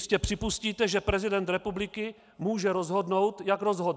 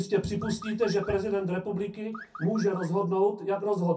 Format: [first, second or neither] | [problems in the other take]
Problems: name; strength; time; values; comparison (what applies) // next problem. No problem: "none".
first | background sound (Car); 17 dB below the speech // room echo; dies away in 0.3 s